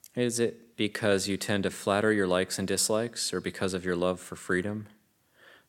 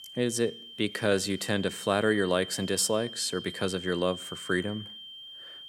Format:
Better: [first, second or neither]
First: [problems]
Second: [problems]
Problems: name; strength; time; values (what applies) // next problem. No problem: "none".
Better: first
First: none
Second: high-pitched whine; noticeable; throughout; 3 kHz, 10 dB below the speech